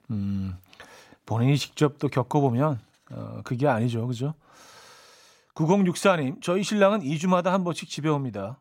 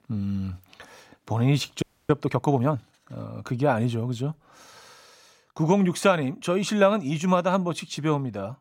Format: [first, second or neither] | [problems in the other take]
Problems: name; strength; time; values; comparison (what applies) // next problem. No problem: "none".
first | audio freezing; at 2 s